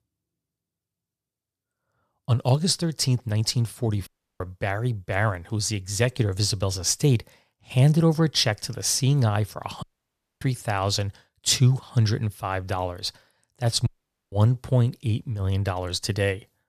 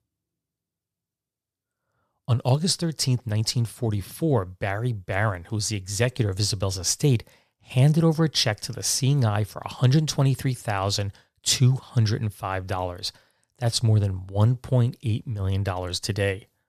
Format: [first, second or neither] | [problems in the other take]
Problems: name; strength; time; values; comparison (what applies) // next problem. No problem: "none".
second | audio cutting out; at 4 s, at 10 s for 0.5 s and at 14 s